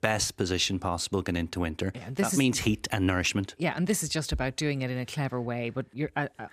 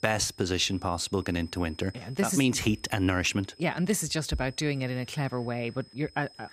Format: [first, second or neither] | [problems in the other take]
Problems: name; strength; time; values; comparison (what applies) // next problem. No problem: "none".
first | high-pitched whine; faint; throughout; 5 kHz, 25 dB below the speech